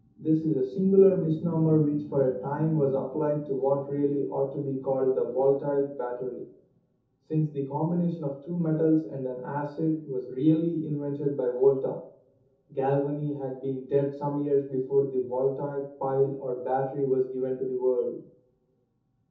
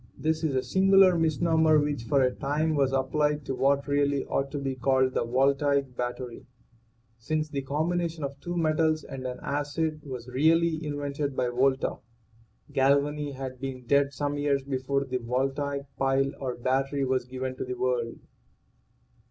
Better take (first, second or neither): second